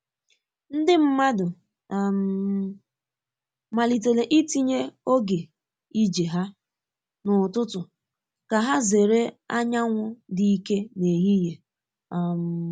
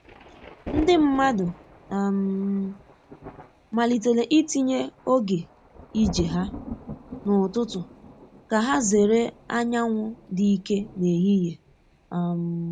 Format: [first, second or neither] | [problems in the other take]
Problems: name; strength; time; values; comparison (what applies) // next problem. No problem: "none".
first | background sound (Thunder); 15 dB below the speech